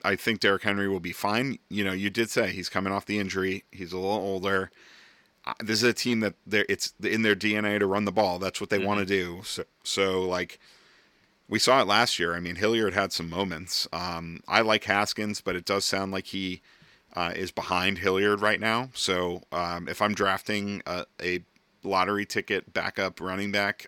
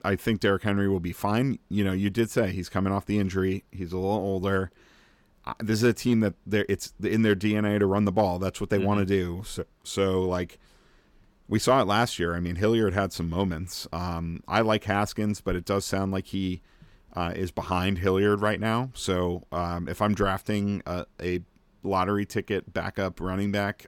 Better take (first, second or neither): second